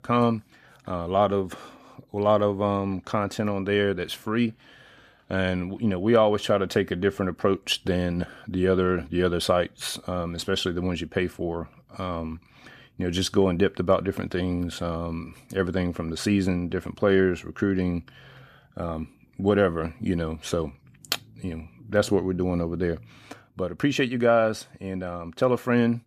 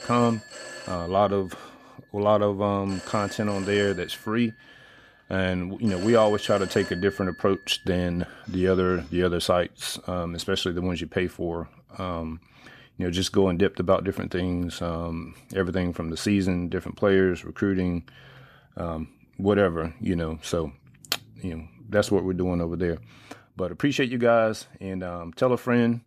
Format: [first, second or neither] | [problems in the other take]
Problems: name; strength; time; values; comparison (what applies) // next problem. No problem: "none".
first | alarms or sirens; noticeable; until 9 s; 15 dB below the speech